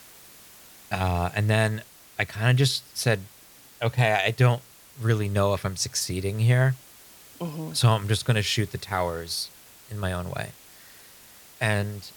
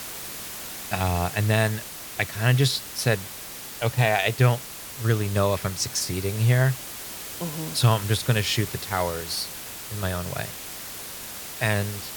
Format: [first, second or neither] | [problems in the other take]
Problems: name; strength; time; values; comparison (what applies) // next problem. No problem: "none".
first | hiss; loud; throughout; 10 dB below the speech; faint in the first